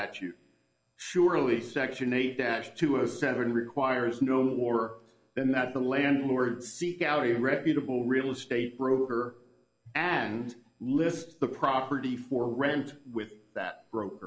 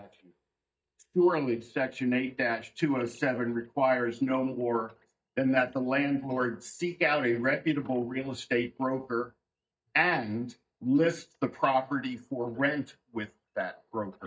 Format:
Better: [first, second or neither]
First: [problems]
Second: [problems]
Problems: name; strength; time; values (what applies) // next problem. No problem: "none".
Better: first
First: none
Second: noise reduction (neural mask model DeepFilterNet 3)